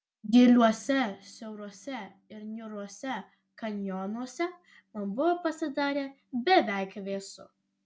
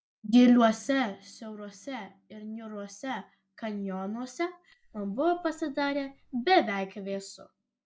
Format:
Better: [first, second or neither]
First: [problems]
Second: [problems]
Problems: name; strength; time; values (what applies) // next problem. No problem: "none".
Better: first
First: none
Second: noise reduction (neural mask model Resemble Enhance denoiser)